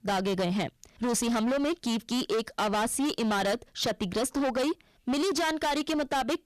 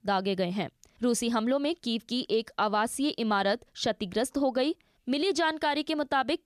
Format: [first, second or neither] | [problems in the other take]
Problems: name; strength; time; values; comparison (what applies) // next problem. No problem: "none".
second | distortion; heavy; 27% of the sound clipped